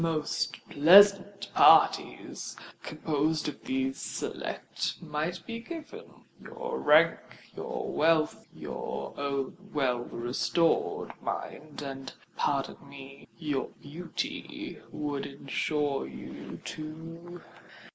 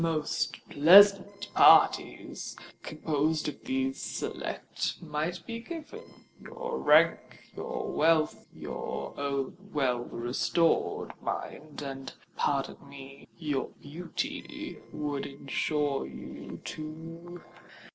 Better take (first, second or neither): first